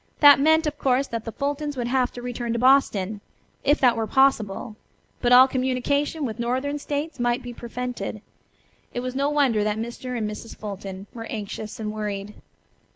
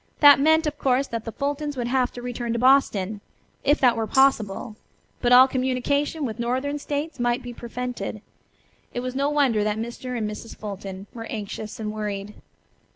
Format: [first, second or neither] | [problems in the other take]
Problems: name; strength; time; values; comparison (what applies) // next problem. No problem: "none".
first | background sound (Tambourine); 17 dB below the speech